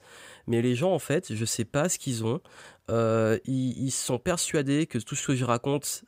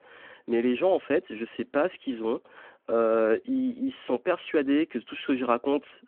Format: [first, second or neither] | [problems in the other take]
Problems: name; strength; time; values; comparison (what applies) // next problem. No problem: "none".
first | phone-call audio